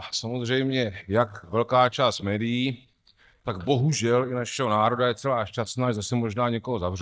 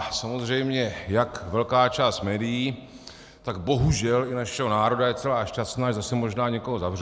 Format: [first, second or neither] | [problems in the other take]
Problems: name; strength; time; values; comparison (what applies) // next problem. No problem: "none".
second | noise reduction (neural mask model DeepFilterNet 3)